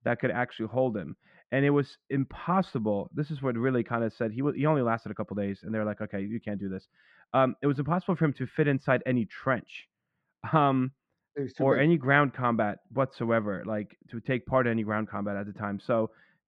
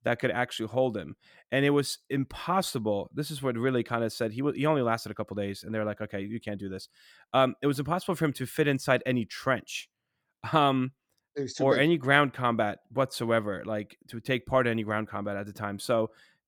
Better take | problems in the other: second | muffled; very; fading above 2 kHz

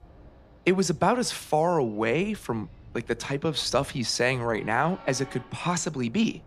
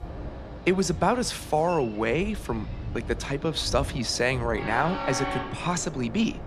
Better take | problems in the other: first | train or aircraft noise; loud; throughout; 9 dB below the speech; faint in the first

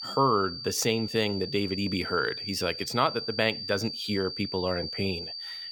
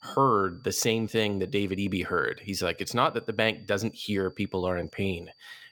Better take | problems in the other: second | high-pitched whine; loud; throughout; 4.5 kHz, 6 dB below the speech; faint in the second

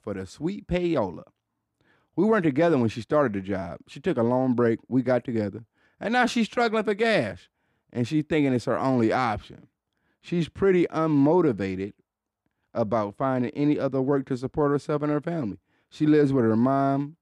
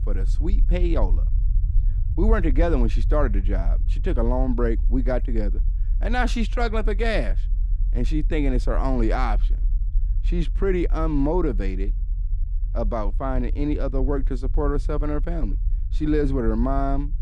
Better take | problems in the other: first | low rumble; faint; throughout; 20 dB below the speech

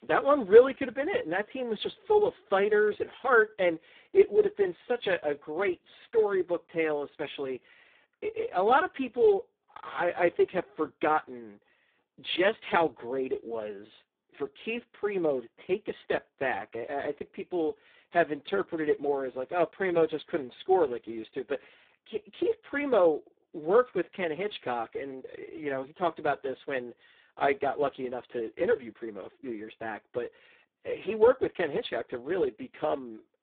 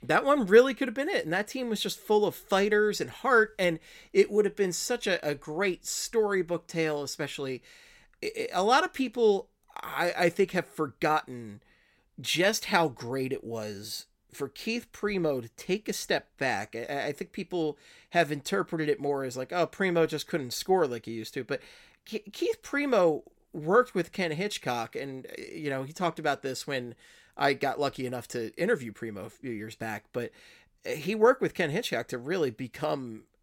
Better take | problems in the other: second | phone-call audio; poor line; nothing above 3.5 kHz

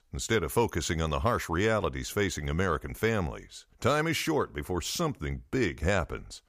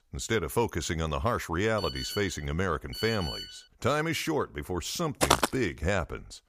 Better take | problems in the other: first | phone ringing; noticeable; from 2 to 3.5 s; peak 5 dB below the speech // footsteps; loud; at 5 s; peak 5 dB above the speech

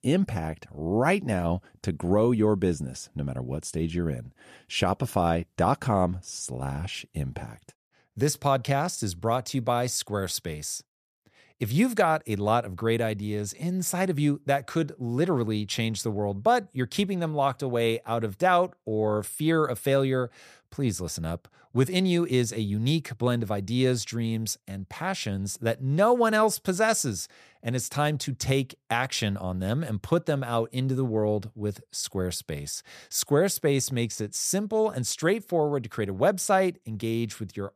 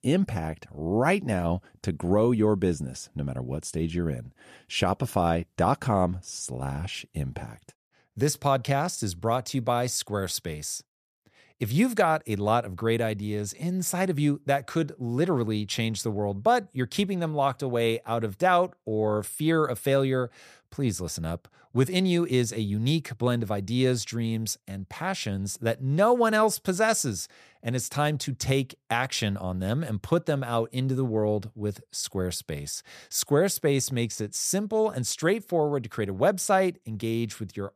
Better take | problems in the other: neither | none

